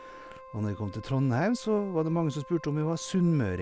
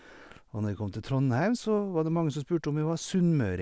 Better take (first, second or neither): second